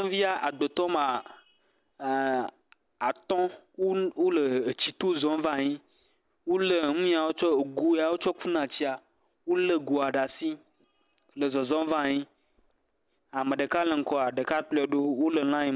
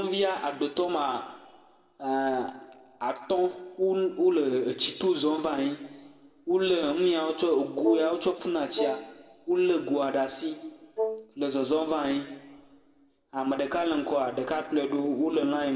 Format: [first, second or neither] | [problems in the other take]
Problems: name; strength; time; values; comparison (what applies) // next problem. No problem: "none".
first | background sound (Wind instrument, woodwind instrument); 4 dB below the speech // room echo; dies away in 1.2 s